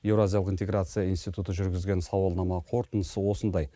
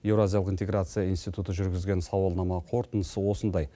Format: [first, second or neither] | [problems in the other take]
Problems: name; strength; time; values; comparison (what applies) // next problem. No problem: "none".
second | noise reduction (neural mask model Resemble Enhance denoiser)